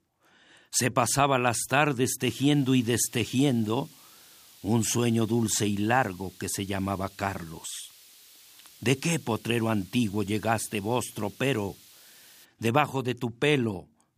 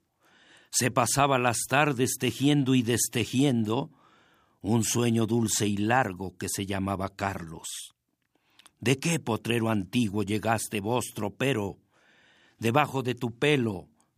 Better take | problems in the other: second | hiss; faint; from 2.5 to 12 s; 25 dB below the speech

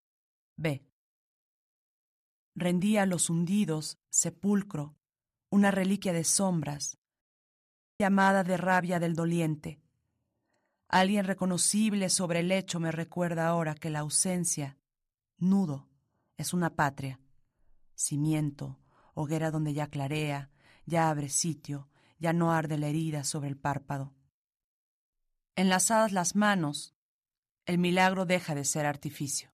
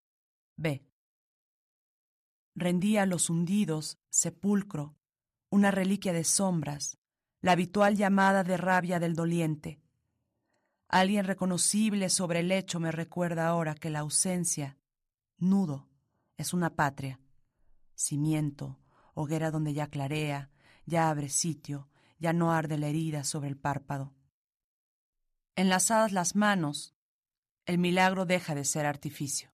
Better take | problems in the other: second | audio cutting out; at 7 s for 1 s

